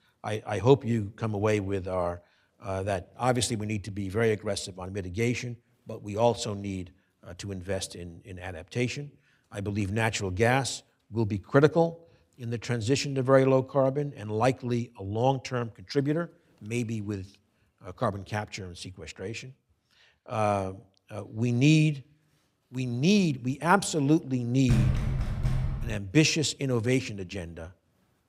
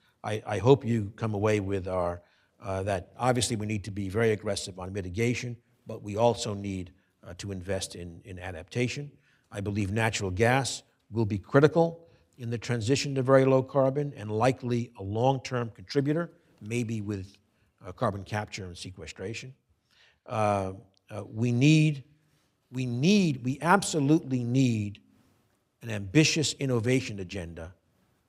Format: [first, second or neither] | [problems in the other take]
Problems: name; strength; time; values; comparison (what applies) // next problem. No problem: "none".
second | door banging; loud; from 25 to 26 s; peak 2 dB above the speech